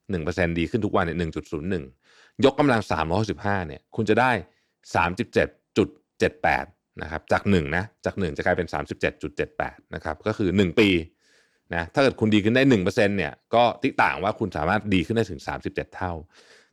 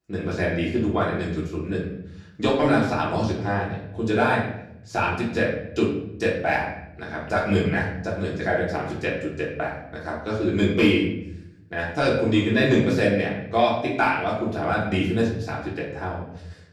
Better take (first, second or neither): first